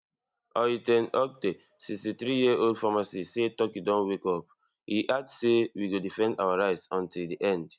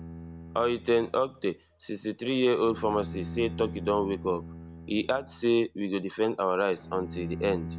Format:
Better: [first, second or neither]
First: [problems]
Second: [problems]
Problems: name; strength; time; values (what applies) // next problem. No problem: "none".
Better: first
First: none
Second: background sound (Bowed string instrument); 13 dB below the speech